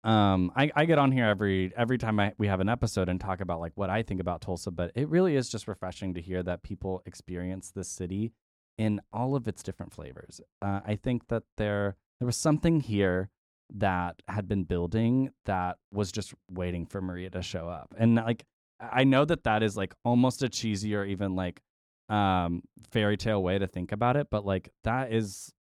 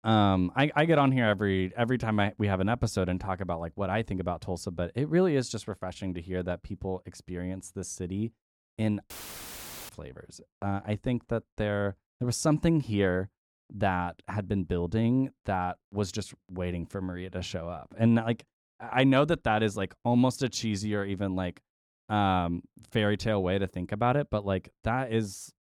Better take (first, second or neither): first